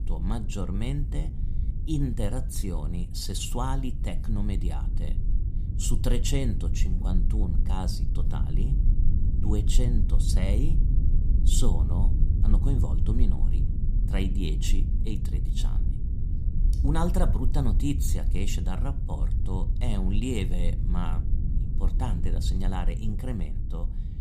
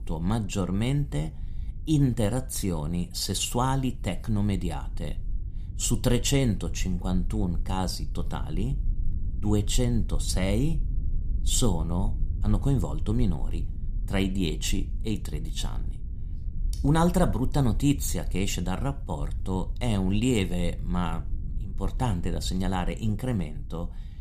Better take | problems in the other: second | low rumble; loud; throughout; 8 dB below the speech; faint in the second

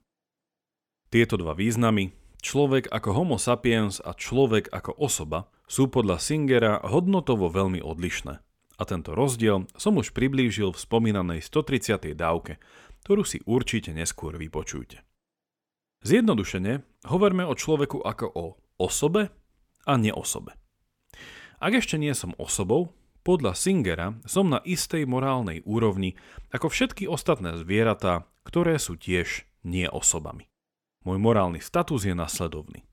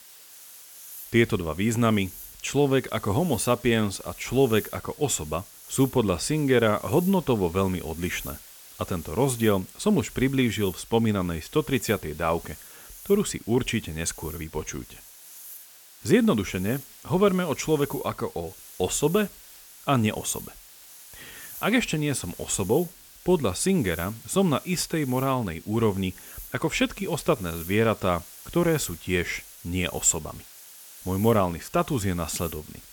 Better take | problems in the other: first | hiss; noticeable; throughout; 15 dB below the speech

